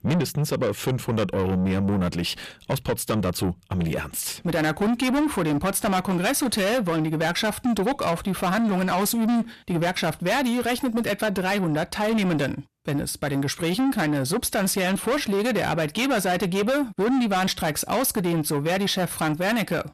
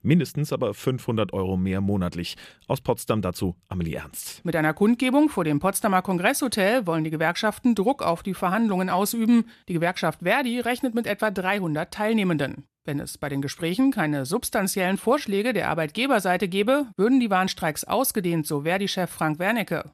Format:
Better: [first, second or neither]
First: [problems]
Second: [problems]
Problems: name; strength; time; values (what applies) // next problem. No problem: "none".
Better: second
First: distortion; heavy; 7 dB below the speech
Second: none